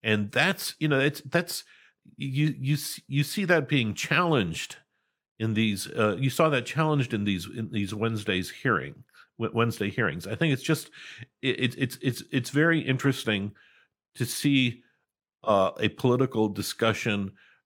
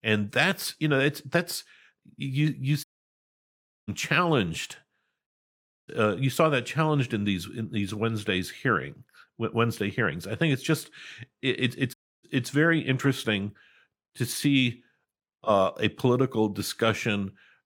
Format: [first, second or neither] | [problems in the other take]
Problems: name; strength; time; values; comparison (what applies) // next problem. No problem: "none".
first | audio cutting out; at 3 s for 1 s, at 5.5 s for 0.5 s and at 12 s